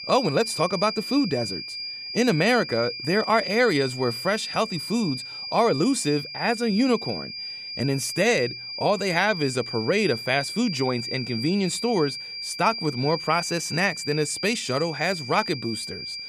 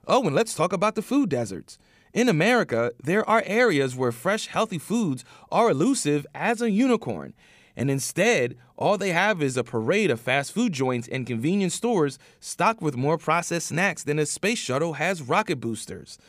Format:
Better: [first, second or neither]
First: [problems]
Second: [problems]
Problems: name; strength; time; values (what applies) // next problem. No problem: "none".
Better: second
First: high-pitched whine; loud; throughout; 5 kHz, 7 dB below the speech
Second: none